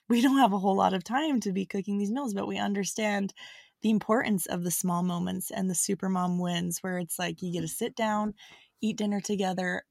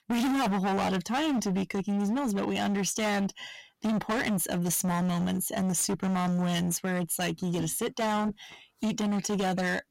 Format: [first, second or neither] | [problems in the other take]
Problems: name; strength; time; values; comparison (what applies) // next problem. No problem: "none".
first | distortion; heavy; 29% of the sound clipped